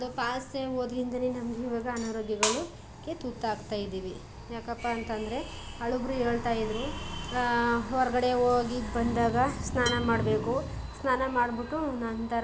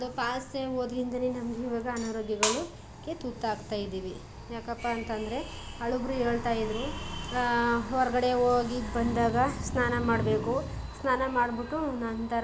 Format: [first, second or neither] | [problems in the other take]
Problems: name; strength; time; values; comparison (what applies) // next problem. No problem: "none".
second | background sound (Dishes, pots, and pans); 10 dB below the speech